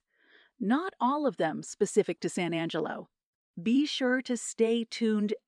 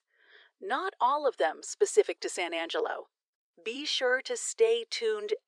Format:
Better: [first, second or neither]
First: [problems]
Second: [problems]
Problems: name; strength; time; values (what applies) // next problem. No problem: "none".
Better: first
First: none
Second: thin; very; fading below 400 Hz